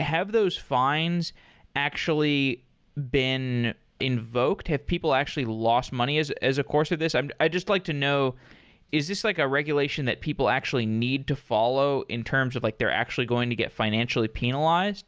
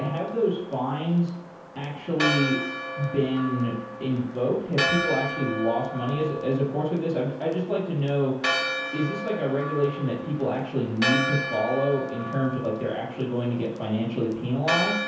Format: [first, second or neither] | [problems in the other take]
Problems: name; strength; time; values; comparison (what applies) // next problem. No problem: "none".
first | background sound (Church bell); 5 dB below the speech // room echo; dies away in 0.7 s